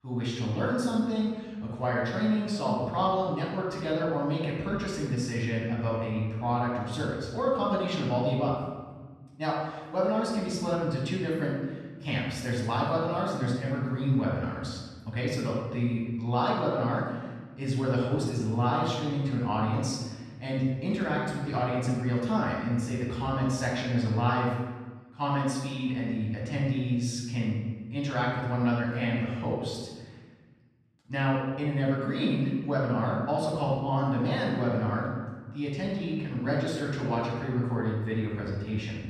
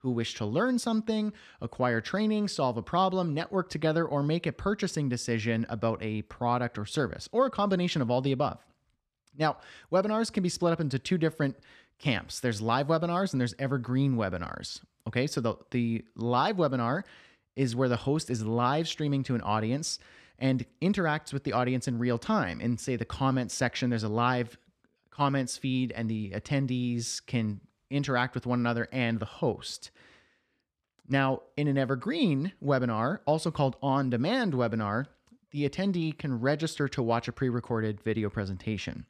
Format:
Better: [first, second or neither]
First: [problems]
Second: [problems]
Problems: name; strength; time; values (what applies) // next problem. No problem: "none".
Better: second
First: off-mic speech; far // room echo; noticeable; dies away in 1.3 s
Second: none